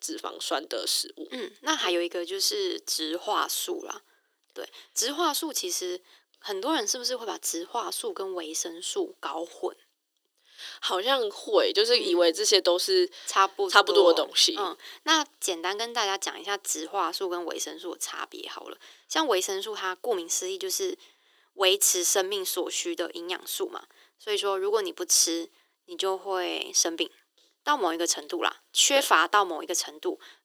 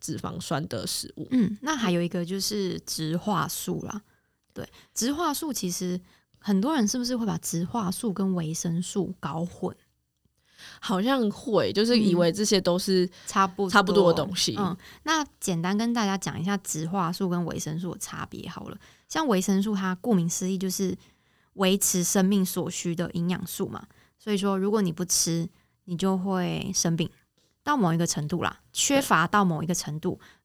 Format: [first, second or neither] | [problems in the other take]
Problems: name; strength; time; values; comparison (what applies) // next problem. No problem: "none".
second | thin; very; fading below 350 Hz